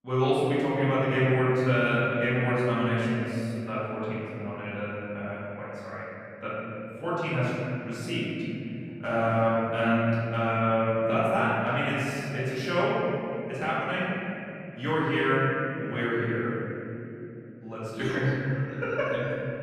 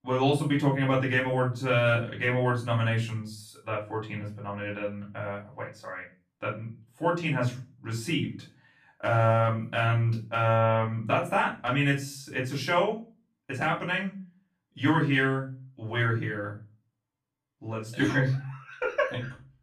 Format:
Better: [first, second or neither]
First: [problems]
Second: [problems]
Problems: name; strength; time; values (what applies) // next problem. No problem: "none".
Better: second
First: room echo; strong; dies away in 3 s // off-mic speech; far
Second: room echo; slight; dies away in 0.3 s // off-mic speech; far